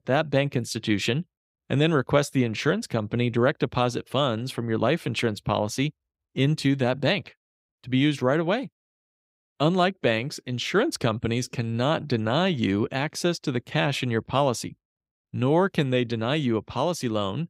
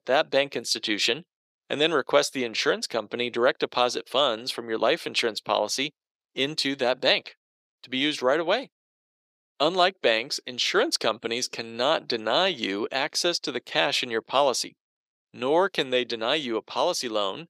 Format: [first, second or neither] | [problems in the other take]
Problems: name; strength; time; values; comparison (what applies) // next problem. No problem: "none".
first | thin; somewhat; fading below 450 Hz